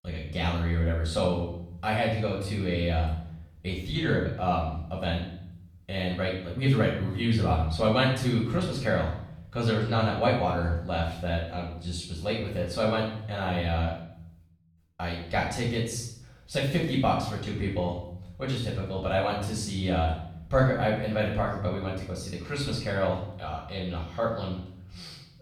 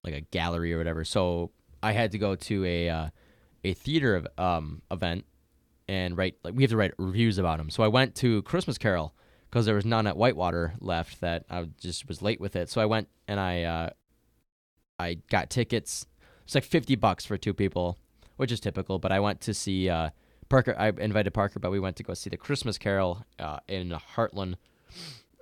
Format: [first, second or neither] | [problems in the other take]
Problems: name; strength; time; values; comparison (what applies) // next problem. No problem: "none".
second | off-mic speech; far // room echo; noticeable; dies away in 0.7 s